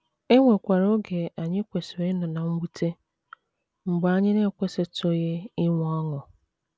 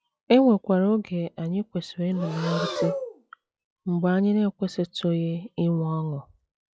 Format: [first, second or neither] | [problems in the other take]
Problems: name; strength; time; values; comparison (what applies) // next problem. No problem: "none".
first | noise reduction (classical method log-MMSE)